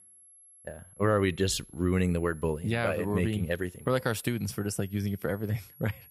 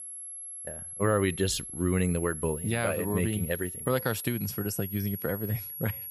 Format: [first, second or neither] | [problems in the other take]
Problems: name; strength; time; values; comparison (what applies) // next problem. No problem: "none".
first | high-pitched whine; loud; throughout; 11 kHz, 7 dB below the speech; faint in the first